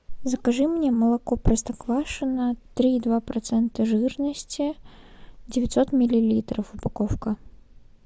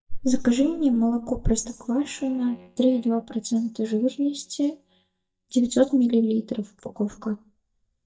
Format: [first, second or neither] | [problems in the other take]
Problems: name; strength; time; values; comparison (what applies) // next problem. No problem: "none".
first | noise reduction (neural mask model DeepFilterNet 3)